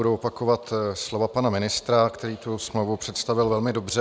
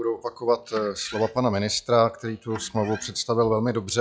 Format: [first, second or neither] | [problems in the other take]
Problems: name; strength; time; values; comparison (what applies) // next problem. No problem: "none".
first | noise reduction (classical method log-MMSE)